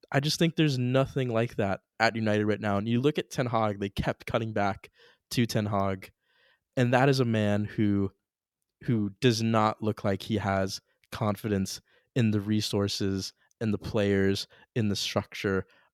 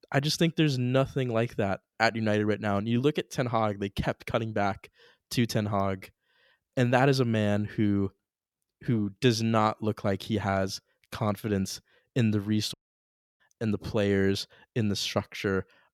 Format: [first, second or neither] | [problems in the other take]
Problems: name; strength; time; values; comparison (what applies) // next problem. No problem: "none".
first | audio cutting out; at 13 s for 0.5 s